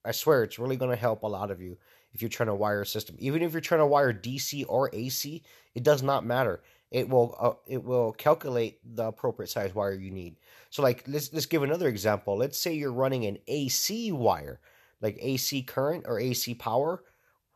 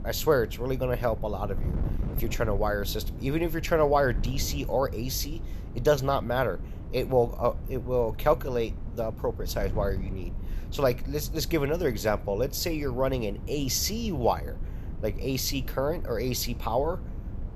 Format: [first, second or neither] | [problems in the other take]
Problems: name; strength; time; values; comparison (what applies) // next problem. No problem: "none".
first | wind noise on the microphone; occasional gusts; 20 dB below the speech